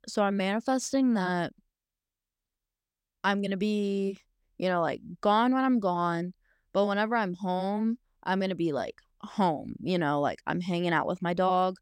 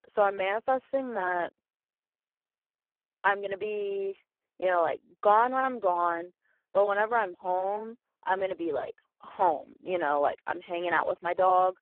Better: first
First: none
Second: phone-call audio; poor line

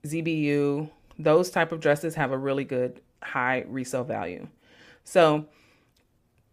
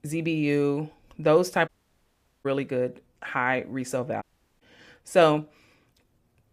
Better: first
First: none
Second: audio cutting out; at 1.5 s for 1 s and at 4 s

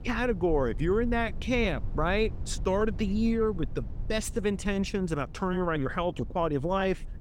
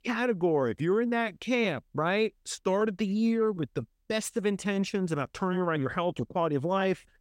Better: second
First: low rumble; faint; throughout; 25 dB below the speech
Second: none

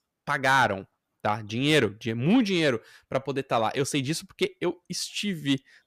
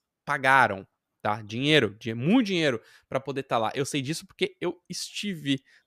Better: second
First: distortion; slight; 10 dB below the speech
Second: none

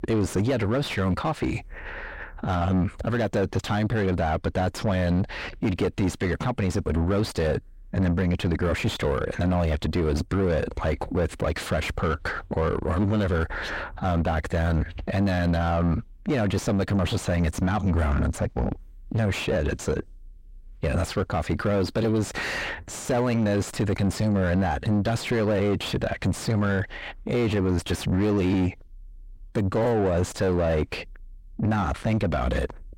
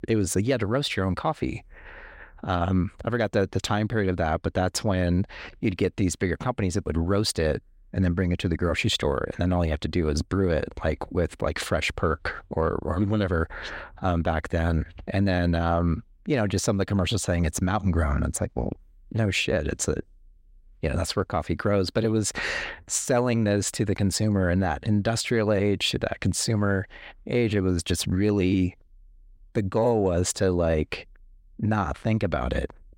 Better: second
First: distortion; heavy; 6 dB below the speech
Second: none

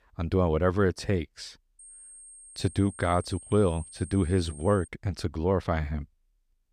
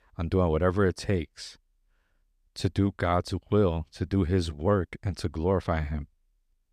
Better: second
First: high-pitched whine; noticeable; from 2 to 5 s; 8.5 kHz, 20 dB below the speech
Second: none

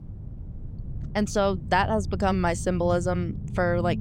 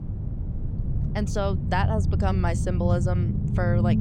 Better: first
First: low rumble; faint; throughout; 20 dB below the speech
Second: low rumble; loud; throughout; 8 dB below the speech

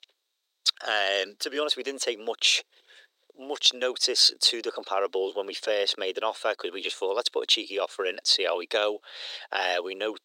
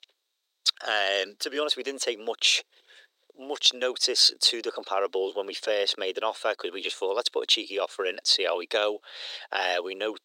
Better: neither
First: thin; very; fading below 400 Hz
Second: thin; very; fading below 400 Hz

